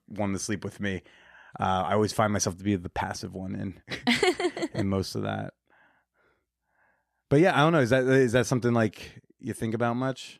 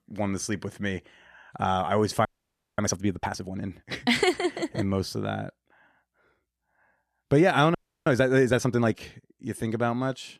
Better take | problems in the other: first | audio freezing; at 2.5 s for 0.5 s and at 8 s

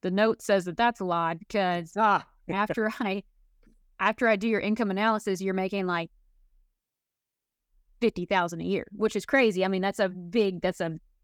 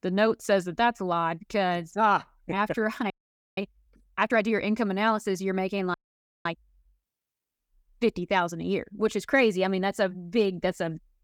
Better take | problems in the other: first | audio freezing; at 3 s and at 6 s for 0.5 s

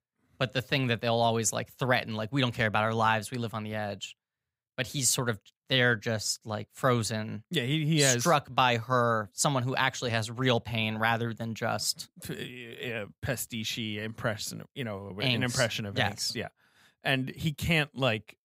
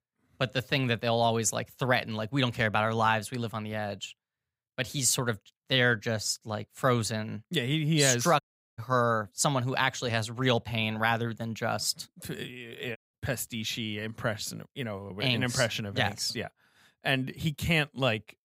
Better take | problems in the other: first | audio cutting out; at 8.5 s and at 13 s

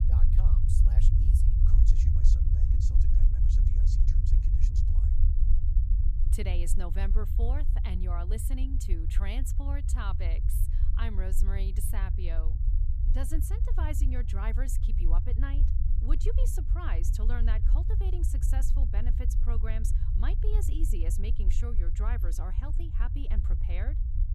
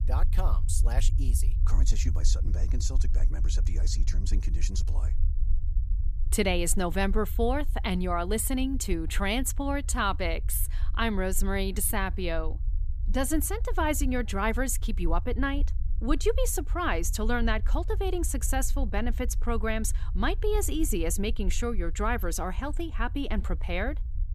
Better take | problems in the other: second | low rumble; loud; throughout; 4 dB below the speech; faint in the second

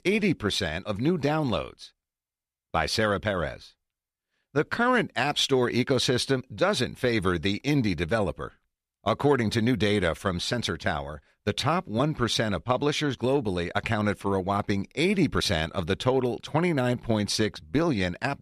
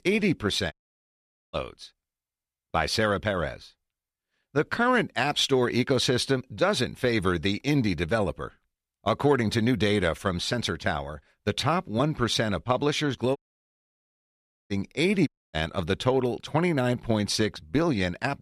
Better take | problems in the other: first | audio cutting out; at 0.5 s for 1 s, at 13 s for 1.5 s and at 15 s

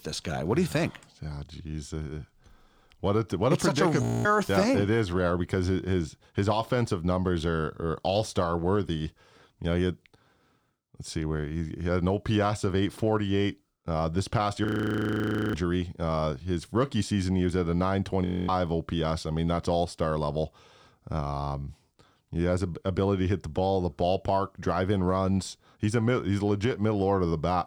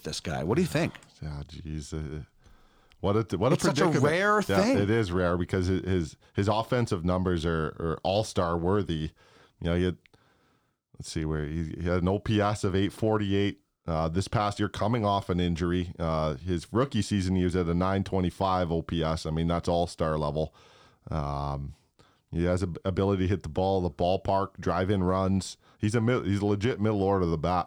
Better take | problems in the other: second | audio freezing; at 4 s, at 15 s for 1 s and at 18 s

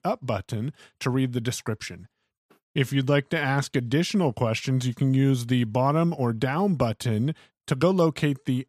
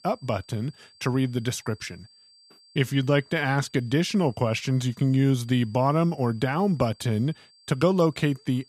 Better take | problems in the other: first | high-pitched whine; faint; throughout; 4.5 kHz, 30 dB below the speech

